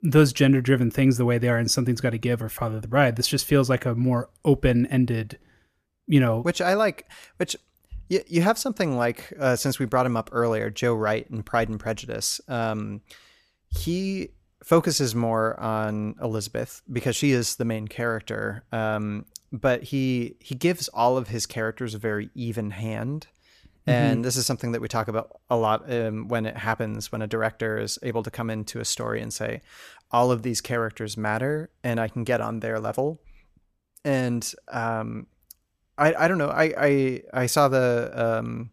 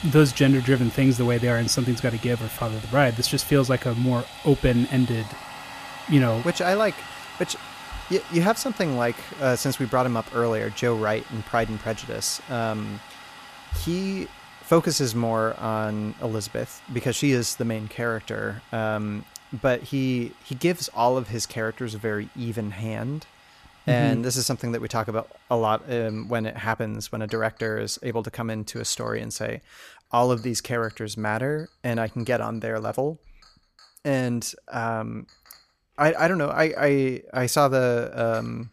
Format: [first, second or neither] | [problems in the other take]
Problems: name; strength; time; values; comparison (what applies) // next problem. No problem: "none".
first | household noises; noticeable; throughout; 15 dB below the speech